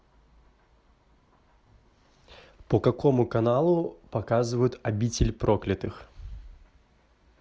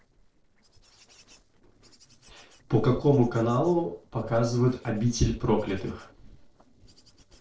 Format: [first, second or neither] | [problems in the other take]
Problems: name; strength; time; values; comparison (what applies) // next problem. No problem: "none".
first | noise reduction (neural separator model SepFormer DNS4)